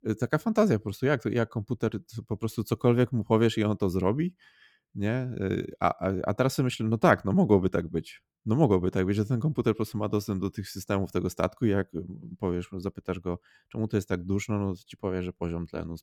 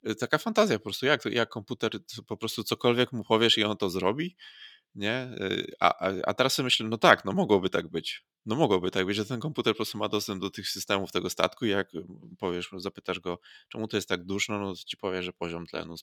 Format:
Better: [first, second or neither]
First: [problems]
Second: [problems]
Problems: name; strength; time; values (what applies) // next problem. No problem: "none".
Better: first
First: none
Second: thin; somewhat; fading below 500 Hz